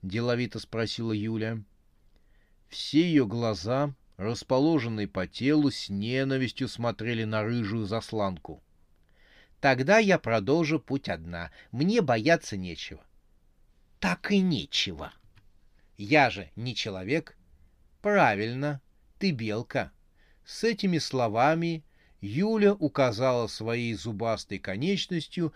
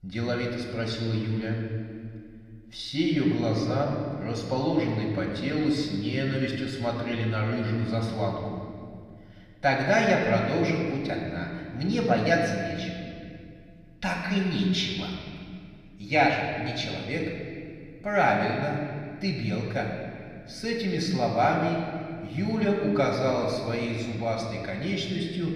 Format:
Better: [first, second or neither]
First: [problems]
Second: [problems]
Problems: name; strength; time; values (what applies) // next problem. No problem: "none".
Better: first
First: none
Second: room echo; noticeable; dies away in 2 s // off-mic speech; somewhat distant